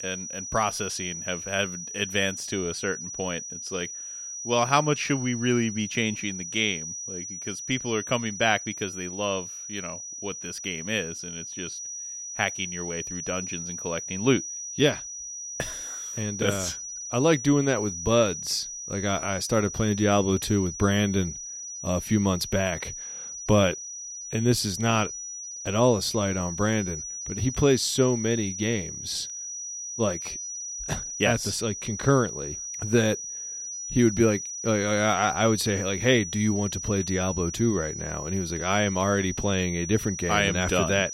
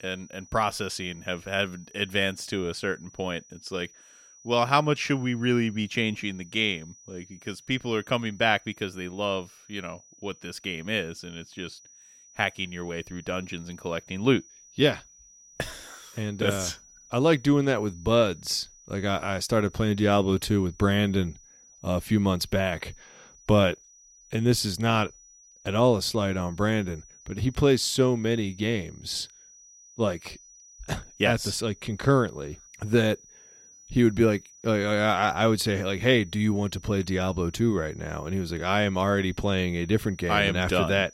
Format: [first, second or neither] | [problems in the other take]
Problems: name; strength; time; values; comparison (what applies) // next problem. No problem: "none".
second | high-pitched whine; loud; throughout; 6 kHz, 7 dB below the speech; faint in the second